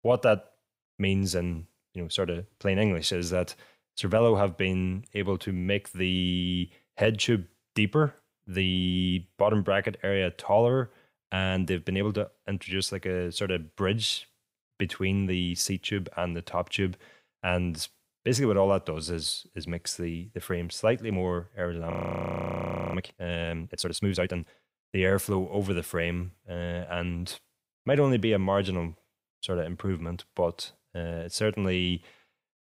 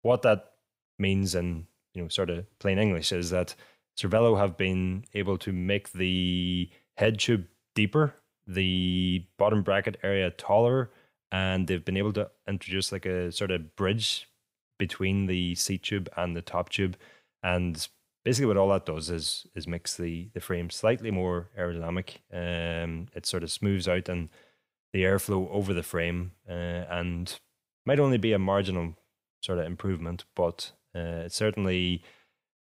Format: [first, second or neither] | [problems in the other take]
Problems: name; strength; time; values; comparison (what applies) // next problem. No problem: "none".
second | audio freezing; at 22 s for 1 s